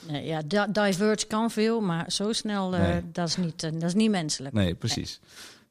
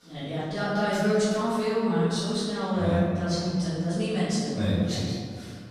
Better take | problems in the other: first | off-mic speech; far // room echo; strong; dies away in 1.8 s

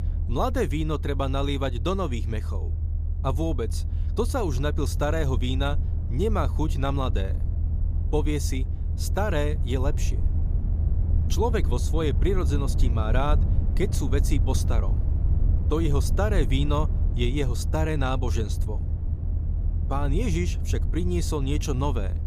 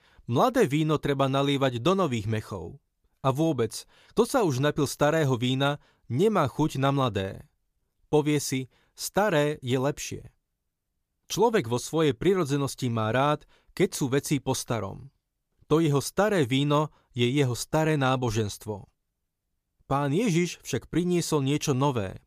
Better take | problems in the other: second | low rumble; noticeable; throughout; 15 dB below the speech

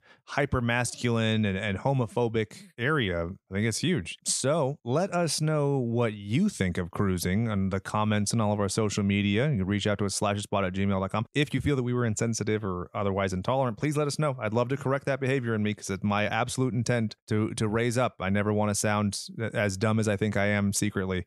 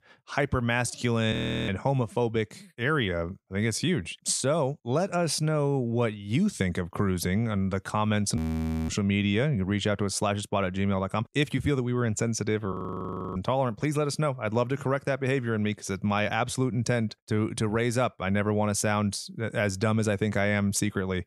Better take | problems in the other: first | audio freezing; at 1.5 s, at 8.5 s for 0.5 s and at 13 s for 0.5 s

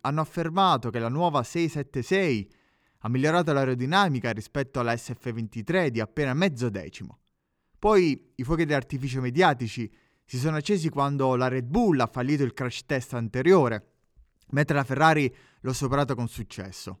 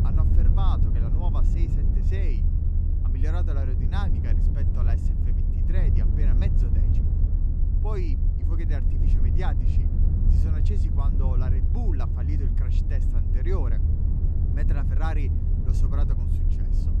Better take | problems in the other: first | low rumble; loud; throughout; as loud as the speech

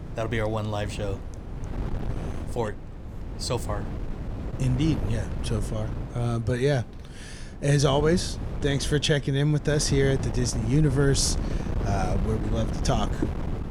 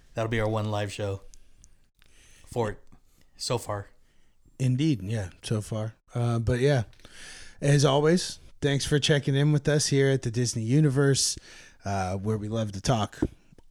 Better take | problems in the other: second | wind noise on the microphone; occasional gusts; 10 dB below the speech

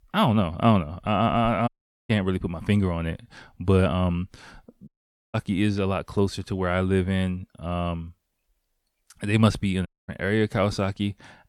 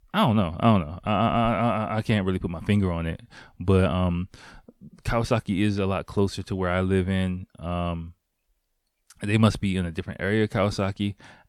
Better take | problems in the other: second | audio cutting out; at 1.5 s, at 5 s and at 10 s

